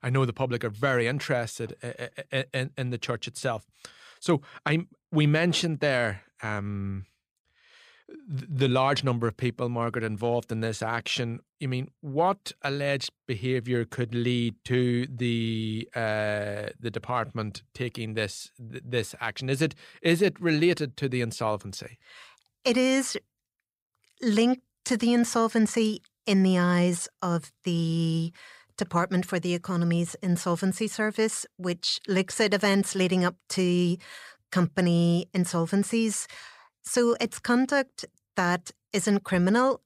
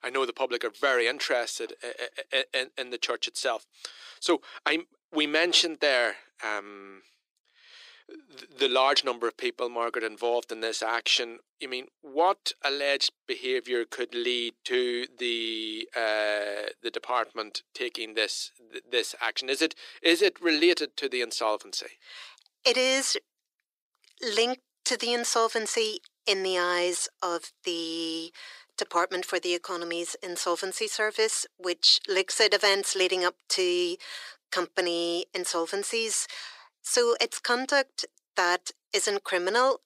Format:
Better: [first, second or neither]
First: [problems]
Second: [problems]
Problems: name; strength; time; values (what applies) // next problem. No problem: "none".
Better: first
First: none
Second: thin; very; fading below 350 Hz